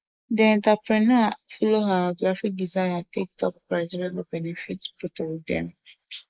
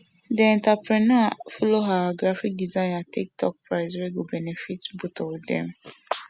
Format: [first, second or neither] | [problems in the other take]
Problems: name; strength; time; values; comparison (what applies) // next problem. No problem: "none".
second | noise reduction (neural mask model Resemble Enhance denoiser)